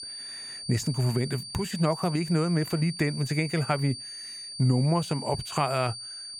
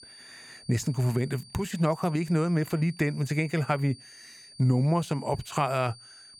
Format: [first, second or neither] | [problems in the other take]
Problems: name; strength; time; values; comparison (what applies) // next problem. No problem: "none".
second | high-pitched whine; loud; throughout; 4.5 kHz, 9 dB below the speech; faint in the second